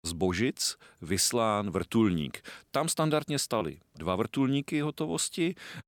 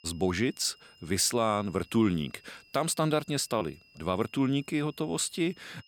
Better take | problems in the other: first | high-pitched whine; faint; throughout; 3 kHz, 30 dB below the speech

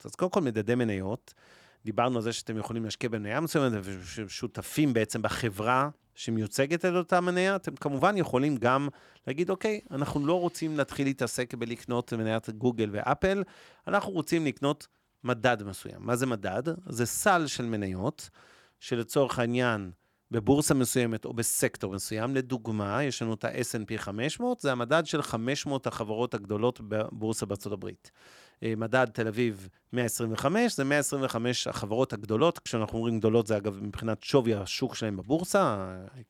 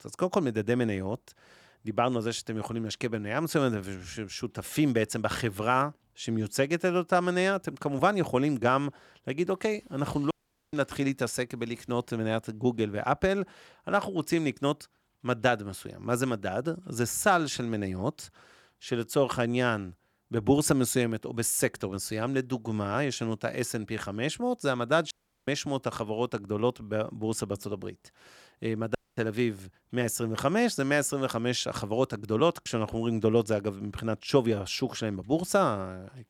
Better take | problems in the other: first | audio cutting out; at 10 s, at 25 s and at 29 s

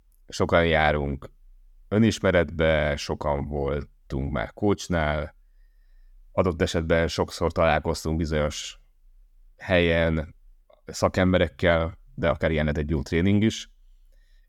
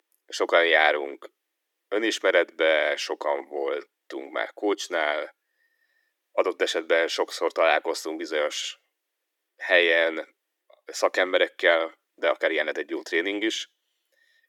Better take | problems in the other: first | thin; very; fading below 300 Hz

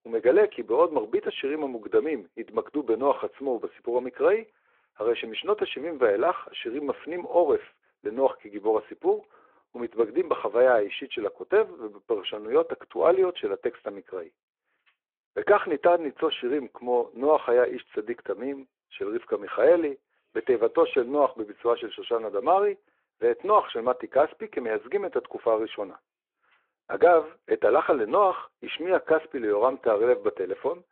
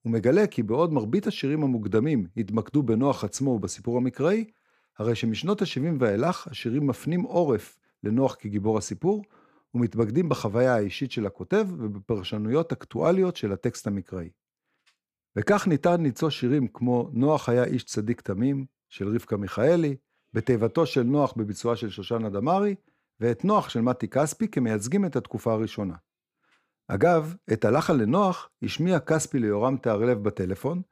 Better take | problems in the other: second | phone-call audio

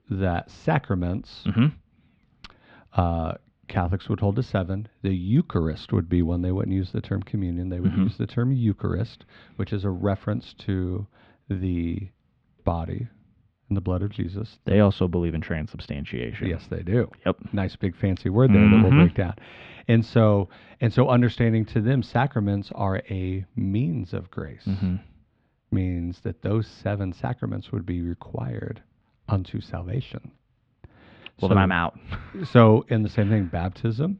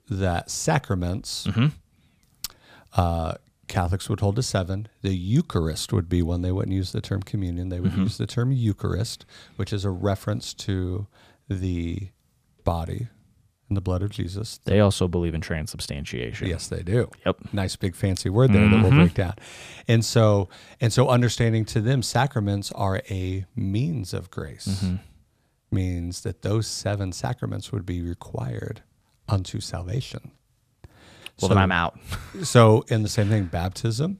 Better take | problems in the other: second | muffled; very; fading above 3 kHz

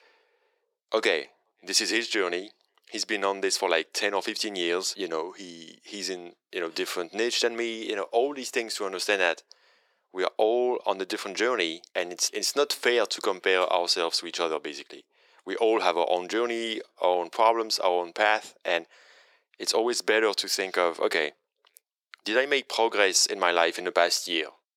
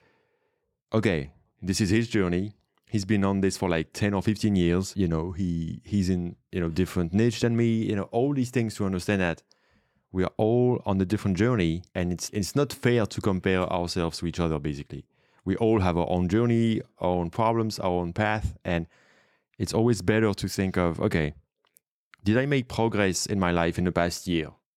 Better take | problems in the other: second | thin; very; fading below 400 Hz

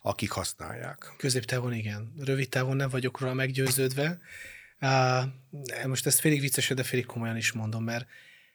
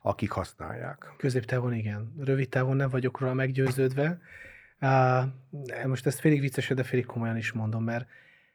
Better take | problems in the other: first | muffled; very; fading above 3 kHz

